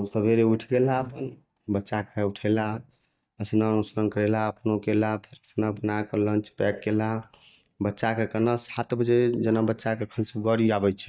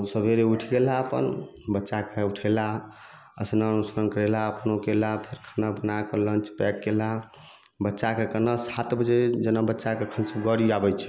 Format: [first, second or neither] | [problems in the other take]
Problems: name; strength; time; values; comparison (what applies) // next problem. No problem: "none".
second | noise reduction (neural mask model DeepFilterNet 3)